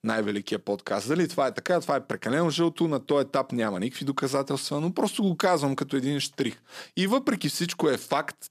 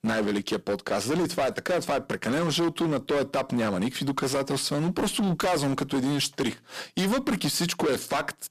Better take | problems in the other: first | distortion; heavy; 19% of the sound clipped

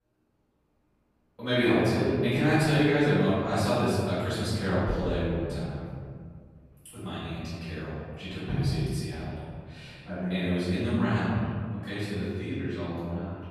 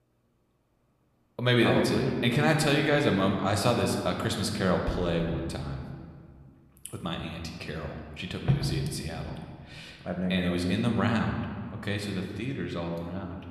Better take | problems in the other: second | room echo; strong; dies away in 2 s; slight in the second // off-mic speech; far

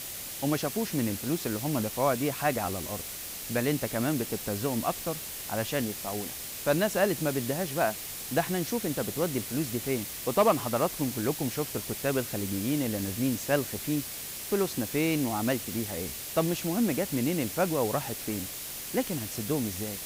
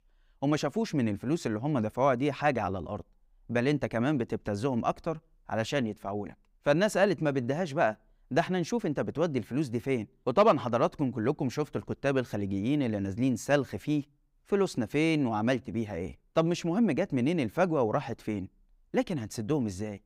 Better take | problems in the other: second | hiss; loud; throughout; 5 dB below the speech

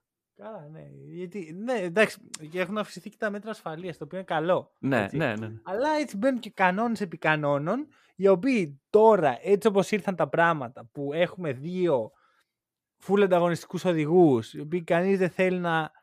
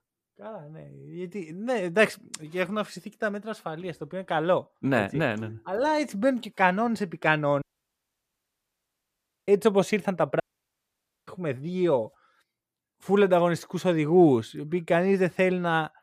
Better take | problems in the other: first | audio cutting out; at 7.5 s for 2 s and at 10 s for 1 s

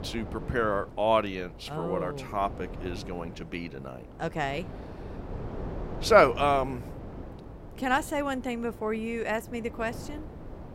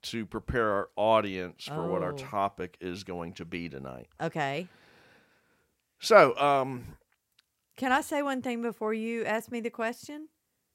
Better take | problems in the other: second | wind noise on the microphone; occasional gusts; 20 dB below the speech

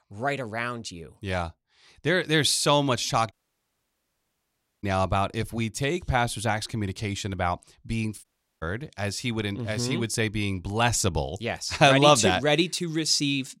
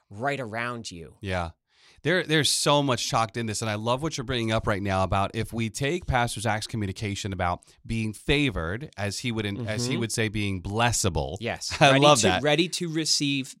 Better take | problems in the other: second | audio cutting out; at 3.5 s for 1.5 s and at 8 s

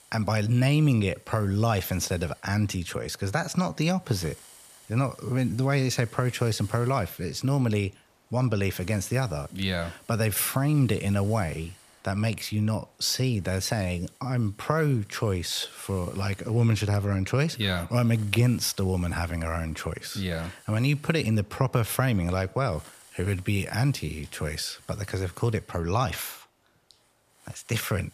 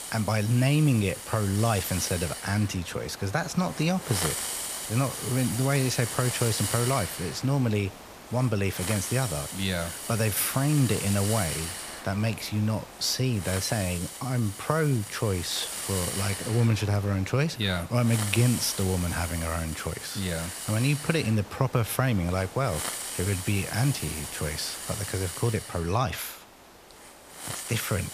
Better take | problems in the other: first | hiss; loud; throughout; 7 dB below the speech; faint in the first

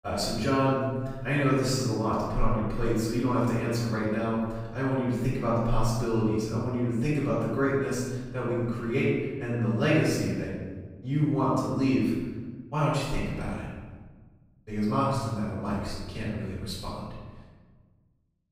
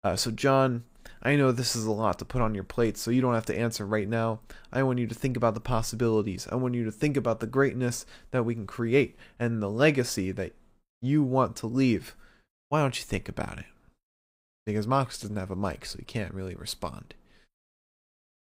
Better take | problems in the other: second | off-mic speech; far // room echo; strong; dies away in 1.3 s

